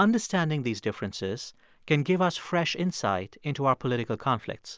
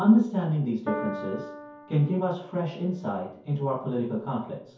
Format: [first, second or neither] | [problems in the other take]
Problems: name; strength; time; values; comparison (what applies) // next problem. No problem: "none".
first | background sound (Piano); 13 dB below the speech // room echo; dies away in 0.6 s